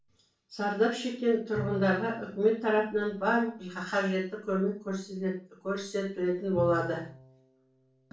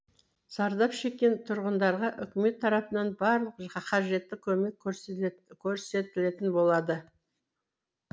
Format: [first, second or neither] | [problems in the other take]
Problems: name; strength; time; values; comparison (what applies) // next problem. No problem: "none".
second | background sound (Bowed string instrument); 16 dB below the speech // room echo; dies away in 0.3 s